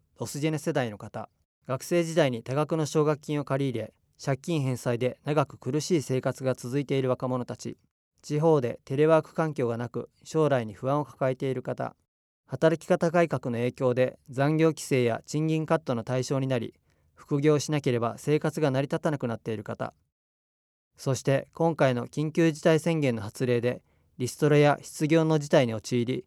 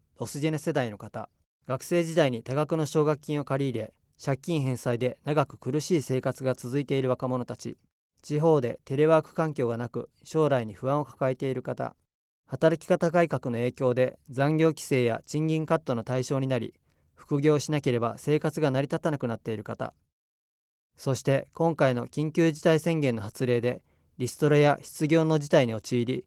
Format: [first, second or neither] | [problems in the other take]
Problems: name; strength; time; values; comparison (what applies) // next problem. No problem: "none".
first | garbled, watery; slightly